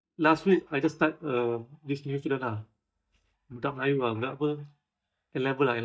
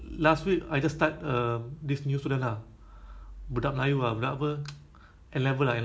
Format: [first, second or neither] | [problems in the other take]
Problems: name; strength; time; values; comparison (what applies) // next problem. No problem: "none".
second | noise reduction (neural mask model DeepFilterNet 3)